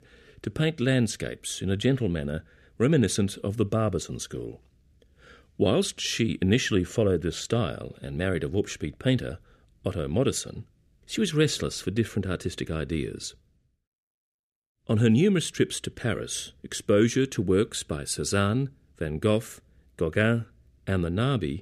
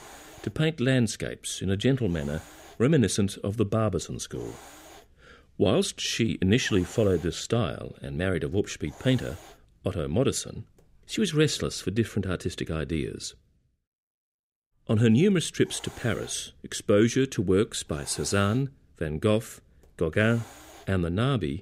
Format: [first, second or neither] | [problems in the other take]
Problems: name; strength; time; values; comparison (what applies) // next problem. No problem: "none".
first | hiss; faint; until 11 s and from 15 s on; 20 dB below the speech